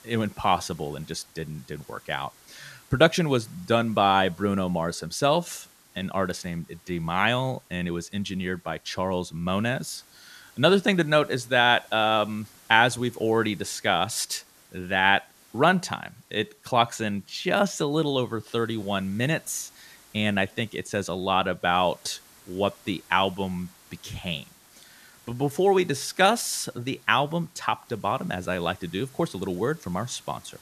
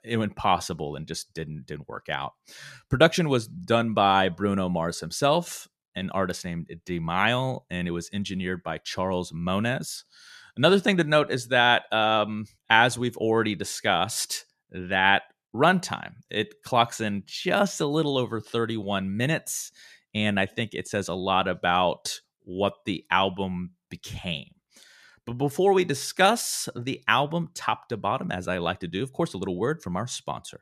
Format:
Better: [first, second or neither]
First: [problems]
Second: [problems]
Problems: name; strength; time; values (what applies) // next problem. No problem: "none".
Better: second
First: hiss; faint; throughout; 25 dB below the speech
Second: none